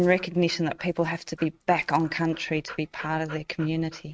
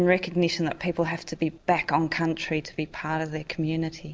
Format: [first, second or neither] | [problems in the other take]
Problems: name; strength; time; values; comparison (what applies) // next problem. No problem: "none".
second | noise reduction (neural mask model RNNoise)